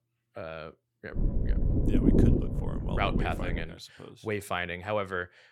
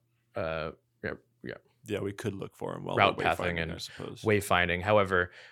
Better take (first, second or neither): second